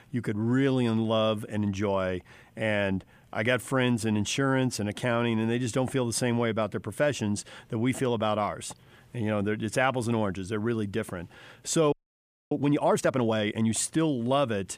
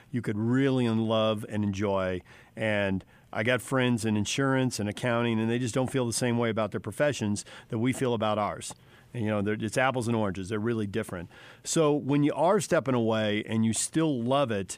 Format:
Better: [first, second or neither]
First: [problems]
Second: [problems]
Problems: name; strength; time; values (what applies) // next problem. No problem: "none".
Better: second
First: audio freezing; at 12 s for 0.5 s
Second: none